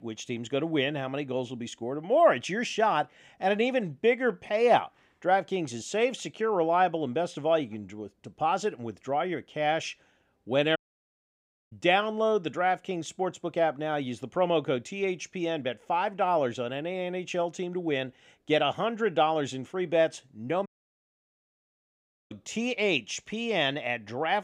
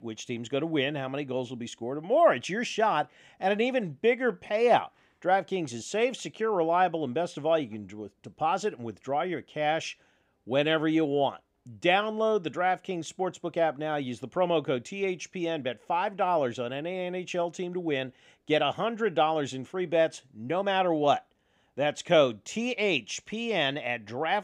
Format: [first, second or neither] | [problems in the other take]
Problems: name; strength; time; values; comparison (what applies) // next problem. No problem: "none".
second | audio cutting out; at 11 s for 1 s and at 21 s for 1.5 s